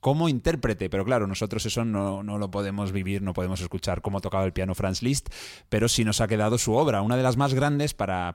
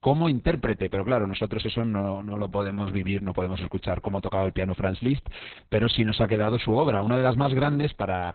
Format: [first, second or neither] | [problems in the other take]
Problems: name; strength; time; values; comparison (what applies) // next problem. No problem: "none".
first | garbled, watery; badly; nothing above 4 kHz